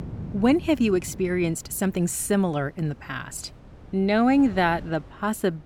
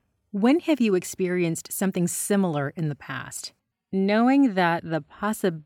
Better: second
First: wind noise on the microphone; occasional gusts; 25 dB below the speech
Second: none

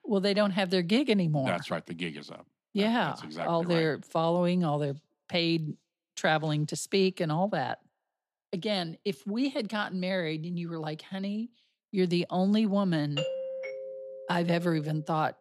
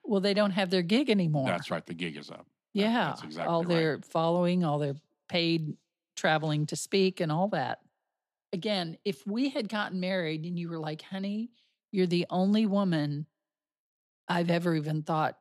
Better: second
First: doorbell; noticeable; from 13 to 15 s; peak 4 dB below the speech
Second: none

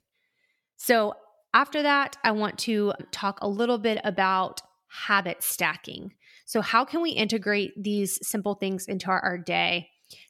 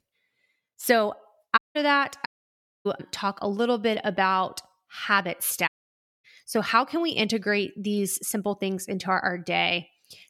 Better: first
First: none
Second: audio cutting out; at 1.5 s, at 2.5 s for 0.5 s and at 5.5 s for 0.5 s

